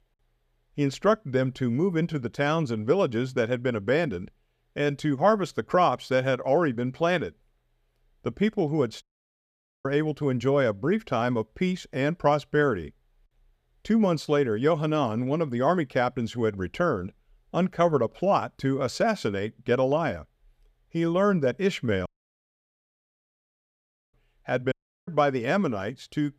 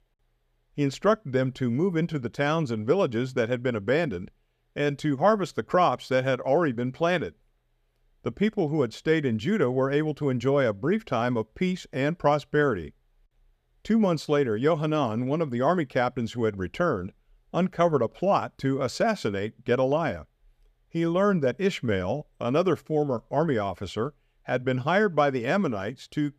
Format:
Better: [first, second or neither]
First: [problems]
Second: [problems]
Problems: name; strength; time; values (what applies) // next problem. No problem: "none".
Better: second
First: audio cutting out; at 9 s for 1 s, at 22 s for 2 s and at 25 s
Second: none